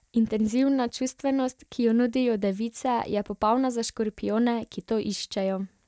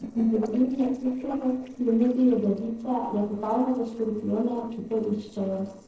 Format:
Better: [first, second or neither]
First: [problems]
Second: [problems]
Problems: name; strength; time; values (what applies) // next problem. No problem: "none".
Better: first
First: none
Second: noise reduction (neural separator model SepFormer DNS4)